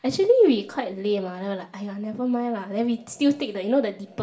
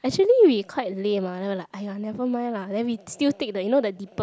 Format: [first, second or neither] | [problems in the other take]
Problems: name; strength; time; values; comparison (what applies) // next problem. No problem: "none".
second | room echo; dies away in 0.5 s